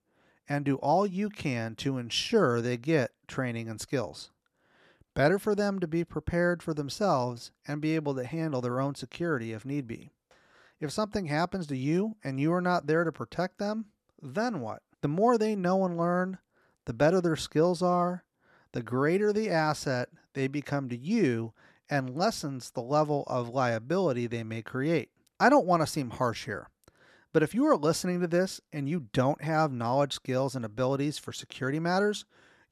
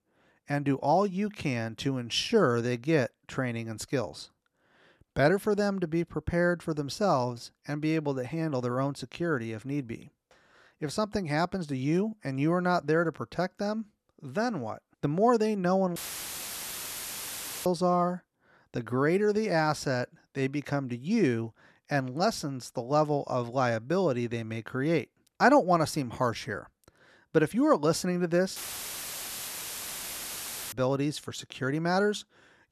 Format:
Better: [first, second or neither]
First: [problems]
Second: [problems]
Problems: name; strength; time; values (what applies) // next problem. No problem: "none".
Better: first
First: none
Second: audio cutting out; filled with static; at 16 s for 1.5 s and at 29 s for 2 s